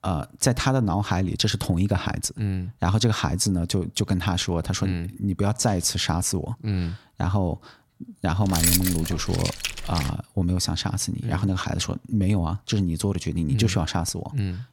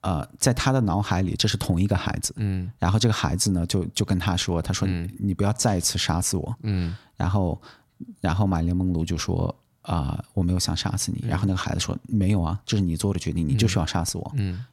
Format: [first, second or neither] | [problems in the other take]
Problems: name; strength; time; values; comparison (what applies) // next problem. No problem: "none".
second | jangling keys; loud; from 8.5 to 10 s; peak 5 dB above the speech